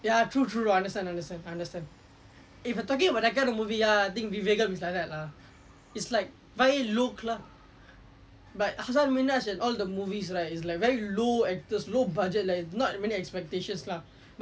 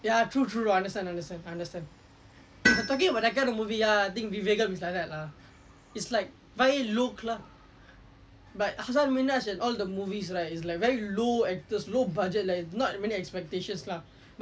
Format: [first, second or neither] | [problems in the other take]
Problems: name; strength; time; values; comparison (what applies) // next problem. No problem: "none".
first | background sound (Tools); 5 dB below the speech